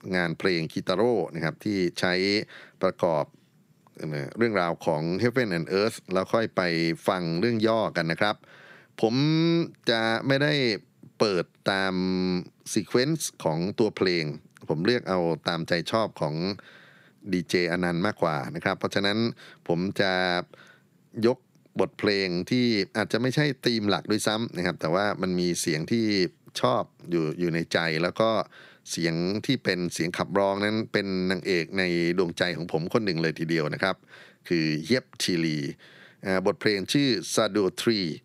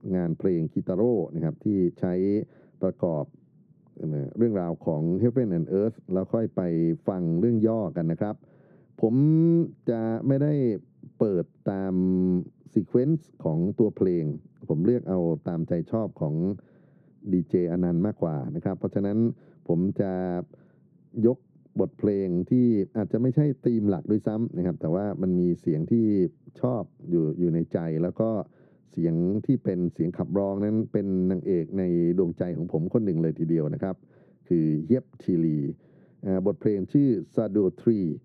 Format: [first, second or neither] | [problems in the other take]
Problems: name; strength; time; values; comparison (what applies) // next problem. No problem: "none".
first | muffled; very; fading above 1 kHz